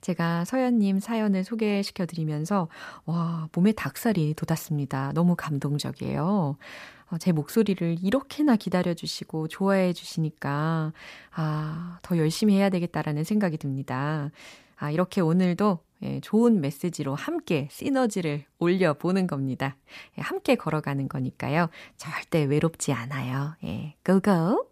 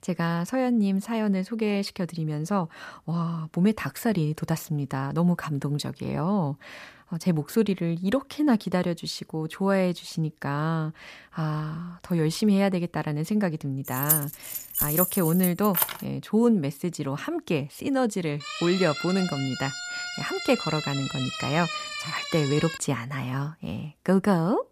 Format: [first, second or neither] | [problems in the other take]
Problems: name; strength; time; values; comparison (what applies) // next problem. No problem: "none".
first | jangling keys; loud; from 14 to 16 s; peak 4 dB above the speech // siren; noticeable; from 18 to 23 s; peak 4 dB below the speech